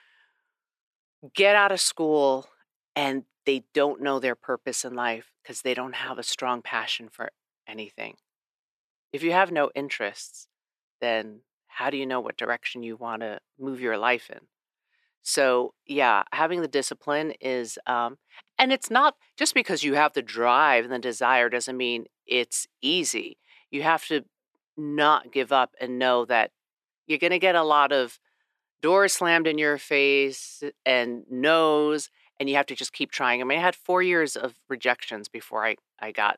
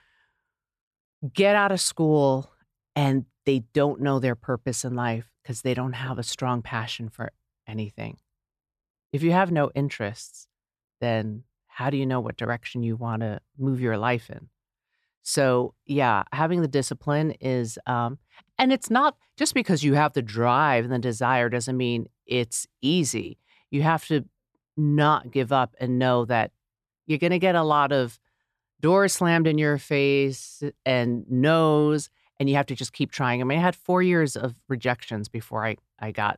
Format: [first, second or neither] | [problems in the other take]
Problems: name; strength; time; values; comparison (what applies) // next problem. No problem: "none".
second | thin; somewhat; fading below 350 Hz